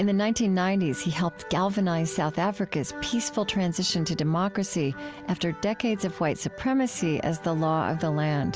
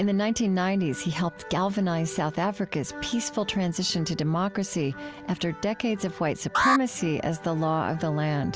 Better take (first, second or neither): first